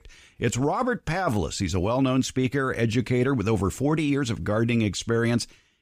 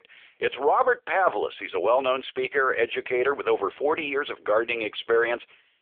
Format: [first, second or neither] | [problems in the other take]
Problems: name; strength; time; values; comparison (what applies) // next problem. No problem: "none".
first | phone-call audio; poor line; nothing above 3.5 kHz